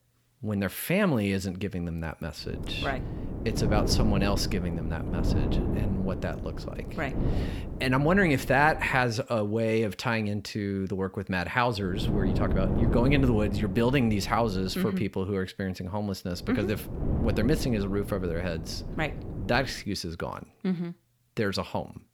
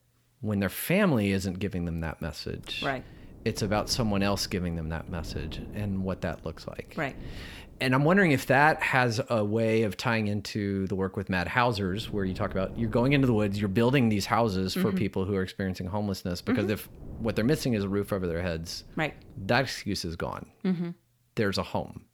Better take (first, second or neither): second